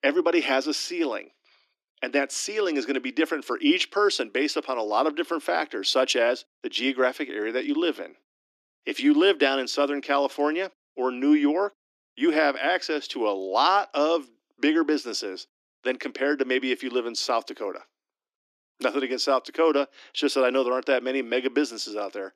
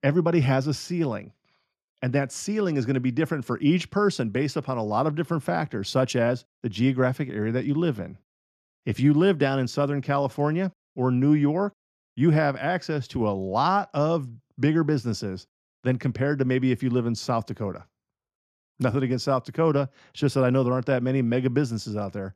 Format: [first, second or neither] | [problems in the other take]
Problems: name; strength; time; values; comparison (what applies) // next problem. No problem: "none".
second | thin; somewhat; fading below 300 Hz